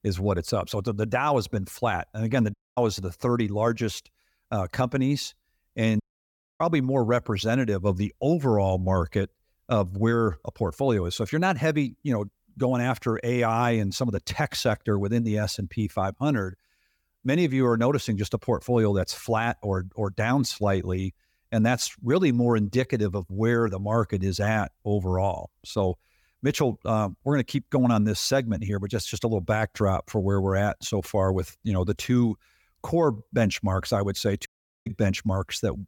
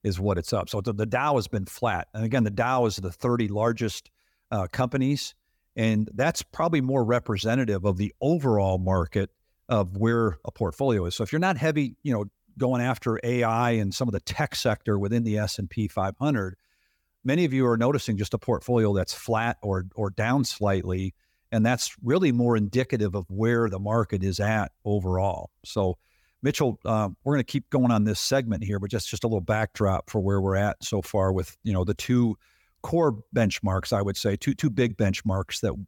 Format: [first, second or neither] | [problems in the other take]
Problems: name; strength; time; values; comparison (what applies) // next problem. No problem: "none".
second | audio cutting out; at 2.5 s, at 6 s for 0.5 s and at 34 s